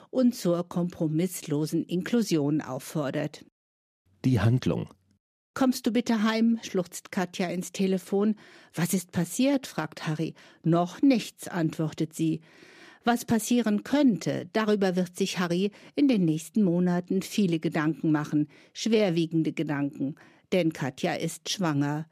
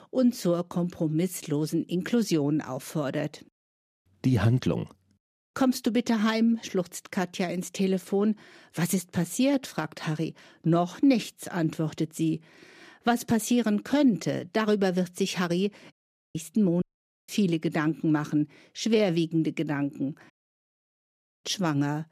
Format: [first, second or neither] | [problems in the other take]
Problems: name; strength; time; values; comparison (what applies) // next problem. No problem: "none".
first | audio cutting out; at 16 s, at 17 s and at 20 s for 1 s